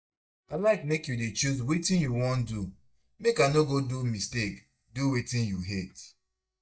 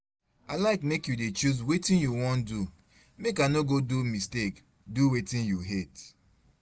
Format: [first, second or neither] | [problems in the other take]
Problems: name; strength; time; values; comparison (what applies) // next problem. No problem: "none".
second | noise reduction (neural mask model DeepFilterNet 3)